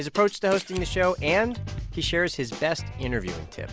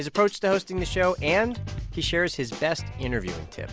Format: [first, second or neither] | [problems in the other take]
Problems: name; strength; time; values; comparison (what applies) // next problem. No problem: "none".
second | background sound (Camera); 14 dB below the speech